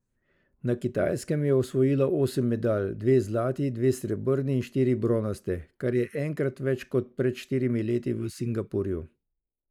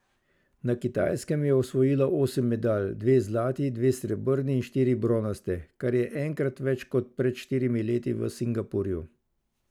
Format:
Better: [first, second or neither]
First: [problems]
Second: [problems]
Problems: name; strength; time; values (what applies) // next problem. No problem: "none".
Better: second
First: noise reduction (neural mask model Resemble Enhance denoiser)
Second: none